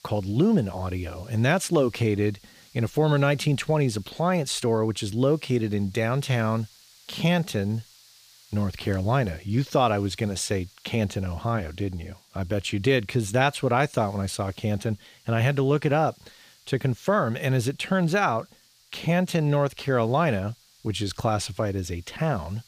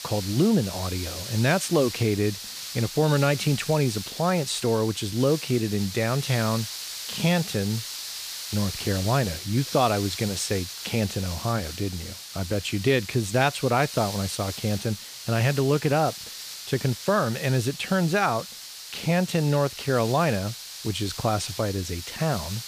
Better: first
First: hiss; faint; throughout; 30 dB below the speech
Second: hiss; loud; throughout; 9 dB below the speech

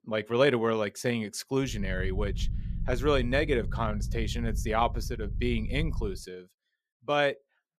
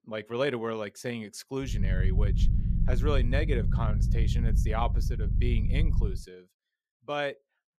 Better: first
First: low rumble; faint; from 1.5 to 6 s; 20 dB below the speech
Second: low rumble; loud; from 1.5 to 6 s; 9 dB below the speech

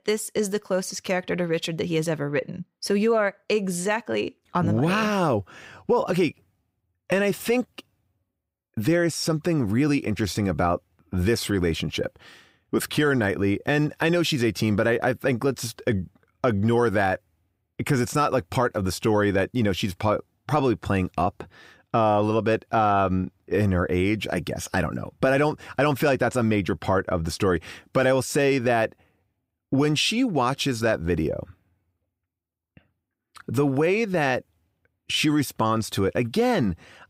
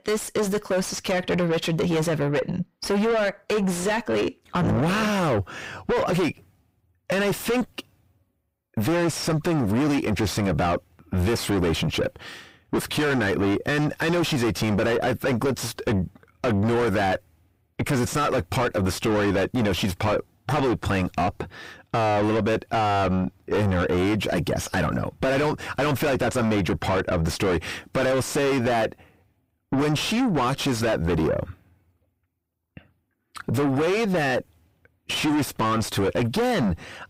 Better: first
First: none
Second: distortion; heavy; 6 dB below the speech

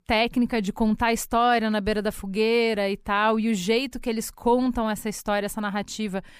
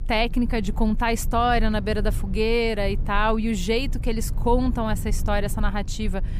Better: first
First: none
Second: low rumble; faint; throughout; 20 dB below the speech

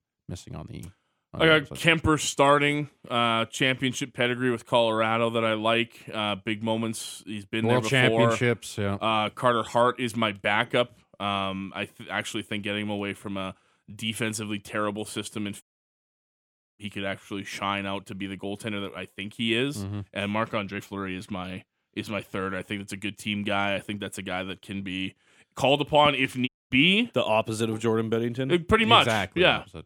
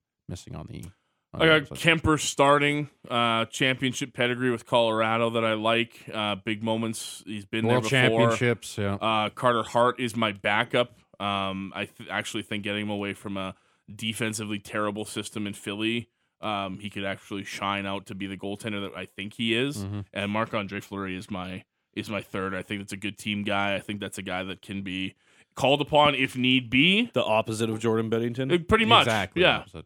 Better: second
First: audio cutting out; at 16 s for 1 s and at 26 s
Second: none

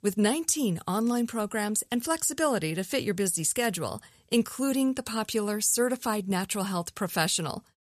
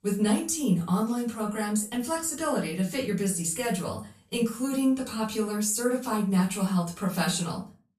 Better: first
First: none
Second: off-mic speech; far // room echo; slight; dies away in 0.3 s

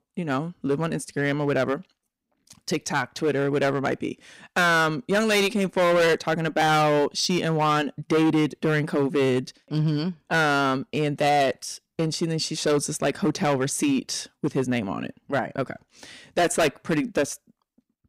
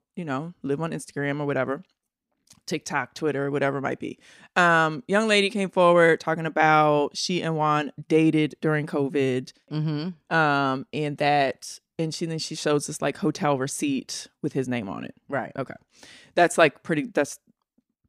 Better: second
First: distortion; heavy; 10% of the sound clipped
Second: none

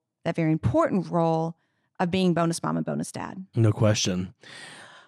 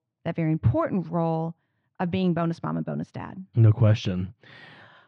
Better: first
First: none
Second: muffled; slightly; fading above 3.5 kHz

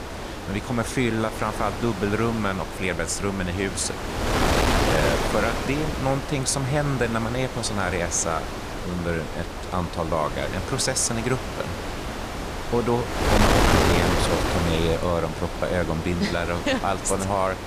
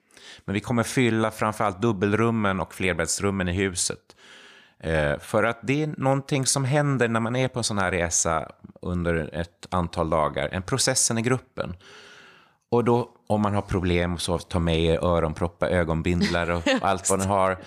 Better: second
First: wind noise on the microphone; heavy; 1 dB below the speech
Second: none

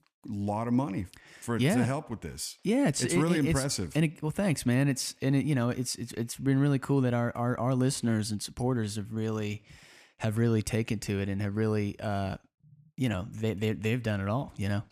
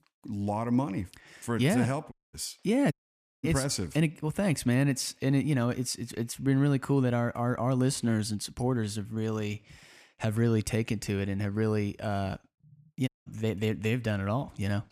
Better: first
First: none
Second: audio cutting out; at 2 s, at 3 s for 0.5 s and at 13 s

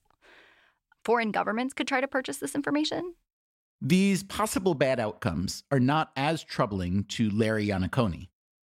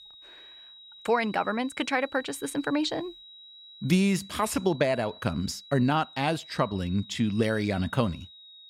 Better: first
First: none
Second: high-pitched whine; noticeable; throughout; 4 kHz, 20 dB below the speech

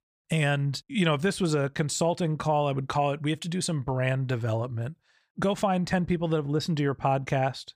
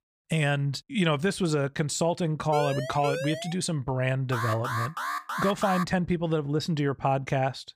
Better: first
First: none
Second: siren; noticeable; from 2.5 to 3.5 s; peak 5 dB below the speech // alarm; noticeable; from 4.5 to 6 s; peak 4 dB below the speech

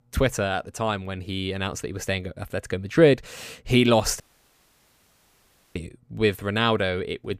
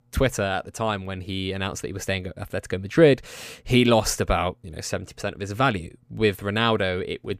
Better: second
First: audio cutting out; at 4 s for 1.5 s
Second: none

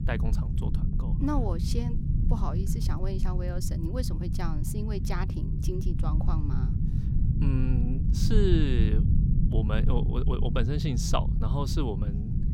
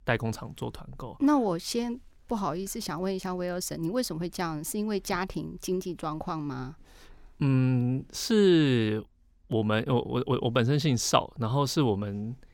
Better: second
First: low rumble; loud; throughout; 5 dB below the speech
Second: none

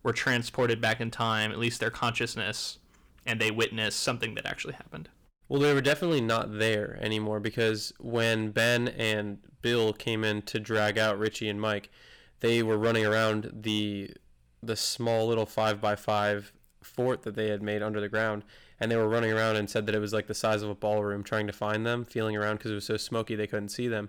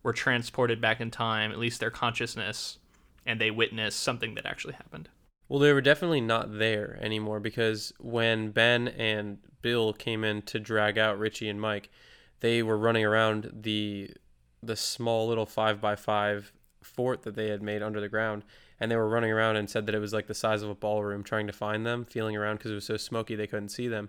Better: second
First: distortion; slight; 4% of the sound clipped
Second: none

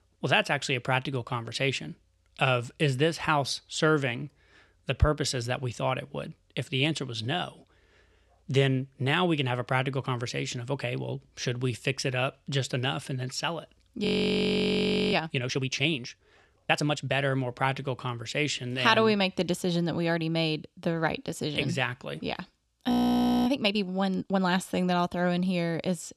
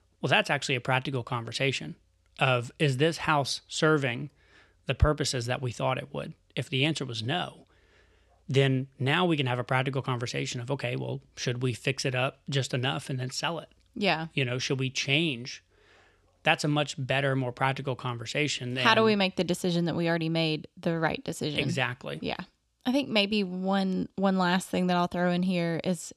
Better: second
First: audio freezing; at 14 s for 1 s and at 23 s for 0.5 s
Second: none

